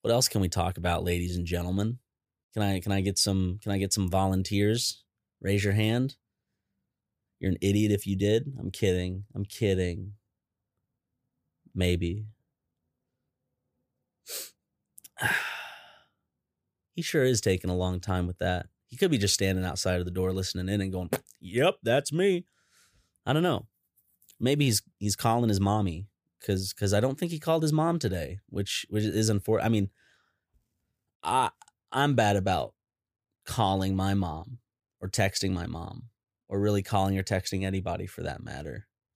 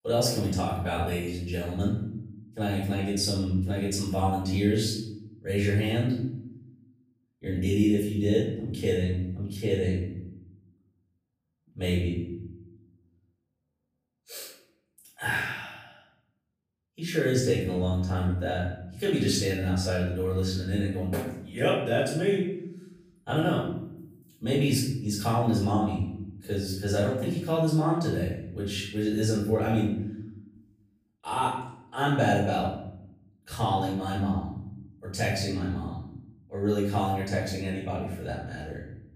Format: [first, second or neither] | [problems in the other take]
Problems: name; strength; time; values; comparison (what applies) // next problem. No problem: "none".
first | off-mic speech; far // room echo; noticeable; dies away in 0.8 s